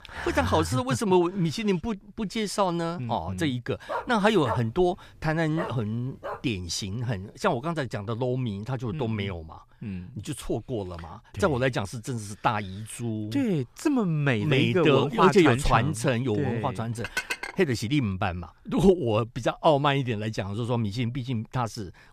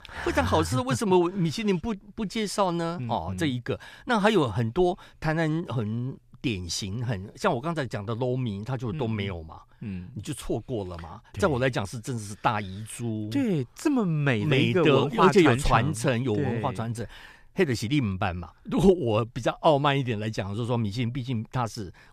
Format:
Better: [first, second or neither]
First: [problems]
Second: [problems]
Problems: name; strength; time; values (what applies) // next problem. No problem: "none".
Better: second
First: dog barking; noticeable; from 4 to 6.5 s; peak 7 dB below the speech // clattering dishes; noticeable; at 17 s; peak 4 dB below the speech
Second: none